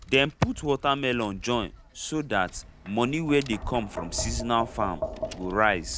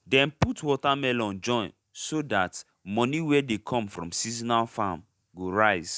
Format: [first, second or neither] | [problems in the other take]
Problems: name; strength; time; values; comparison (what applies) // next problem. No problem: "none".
second | background sound (Tap); 11 dB below the speech